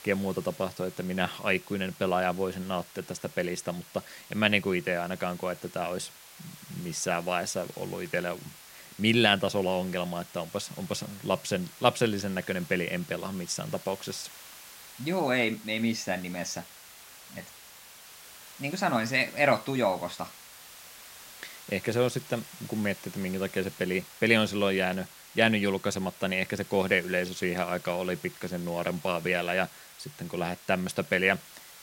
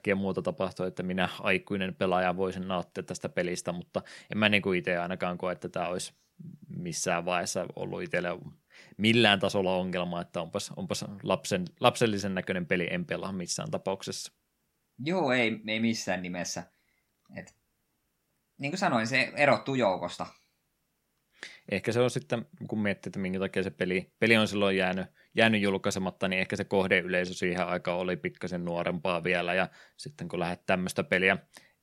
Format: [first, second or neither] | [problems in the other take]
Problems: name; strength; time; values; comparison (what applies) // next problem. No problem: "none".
second | hiss; noticeable; throughout; 15 dB below the speech